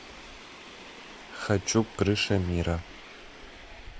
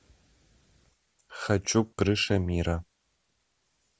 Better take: second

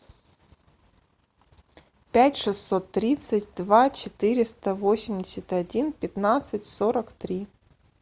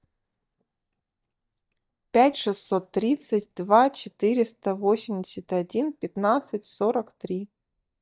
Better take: first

